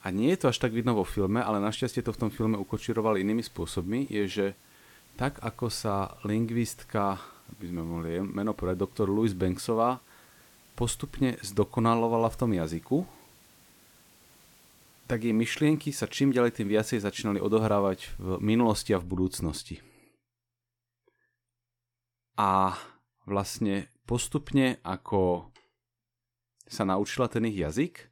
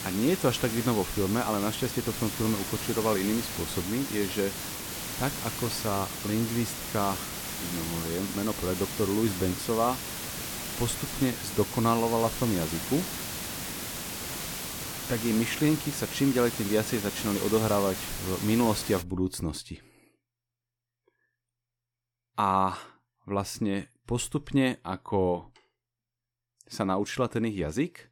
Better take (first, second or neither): first